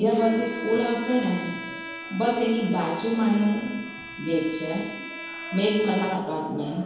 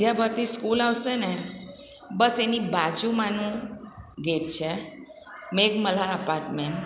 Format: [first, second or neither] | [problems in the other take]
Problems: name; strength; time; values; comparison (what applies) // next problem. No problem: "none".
second | background sound (Bowed string instrument); 12 dB below the speech // room echo; dies away in 2.2 s